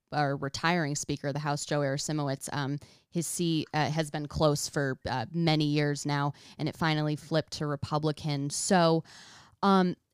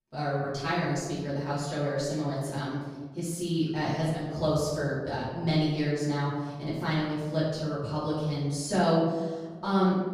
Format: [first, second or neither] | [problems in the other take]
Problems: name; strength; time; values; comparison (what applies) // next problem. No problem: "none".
first | room echo; noticeable; dies away in 1.3 s // off-mic speech; far